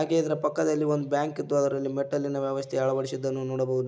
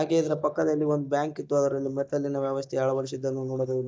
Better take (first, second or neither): first